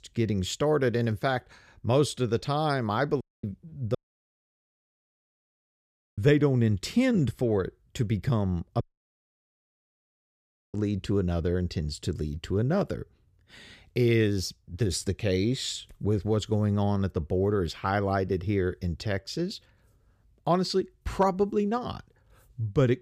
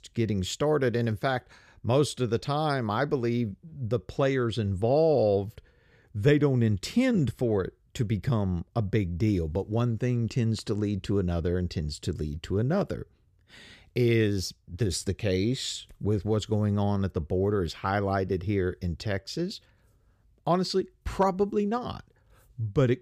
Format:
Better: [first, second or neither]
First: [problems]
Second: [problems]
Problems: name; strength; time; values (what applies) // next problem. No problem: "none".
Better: second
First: audio cutting out; at 3 s, at 4 s for 2 s and at 9 s for 2 s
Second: none